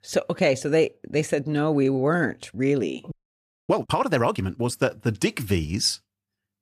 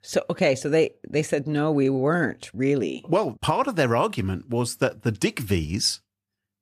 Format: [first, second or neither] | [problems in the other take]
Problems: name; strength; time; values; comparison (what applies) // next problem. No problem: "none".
second | audio freezing; at 3 s for 0.5 s